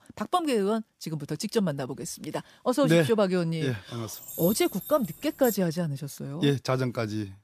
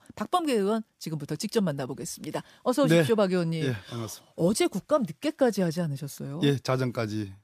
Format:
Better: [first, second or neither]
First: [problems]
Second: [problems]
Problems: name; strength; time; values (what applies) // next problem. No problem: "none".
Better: second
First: jangling keys; noticeable; from 4 to 5.5 s; peak 7 dB below the speech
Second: none